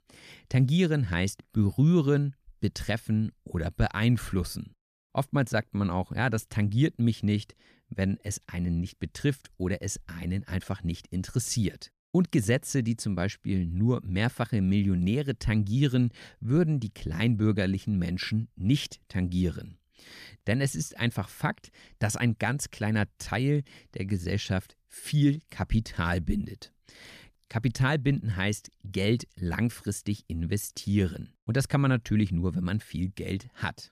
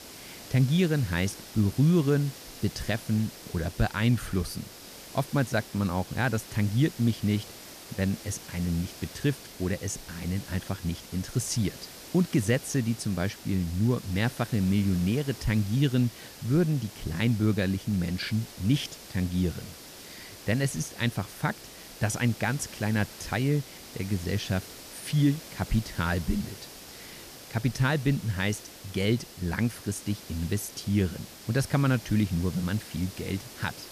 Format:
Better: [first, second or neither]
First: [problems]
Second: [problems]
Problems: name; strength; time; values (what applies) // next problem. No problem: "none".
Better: first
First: none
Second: hiss; noticeable; throughout; 15 dB below the speech